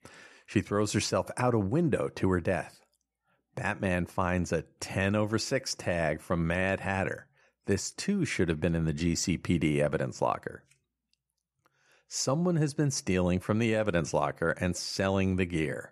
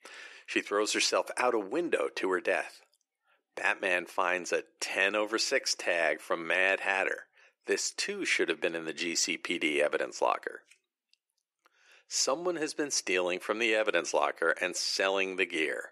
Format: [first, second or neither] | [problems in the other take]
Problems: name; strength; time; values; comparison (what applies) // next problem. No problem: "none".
first | thin; very; fading below 350 Hz